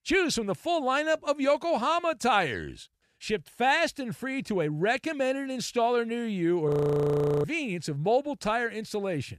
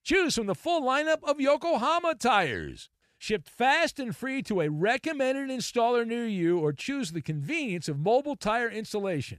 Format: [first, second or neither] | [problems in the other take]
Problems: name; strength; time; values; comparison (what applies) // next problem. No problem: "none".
second | audio freezing; at 6.5 s for 1 s